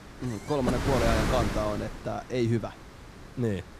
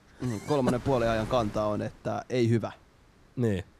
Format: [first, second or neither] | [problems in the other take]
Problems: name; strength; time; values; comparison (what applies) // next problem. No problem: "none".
second | wind noise on the microphone; heavy; 2 dB below the speech; occasional gusts in the second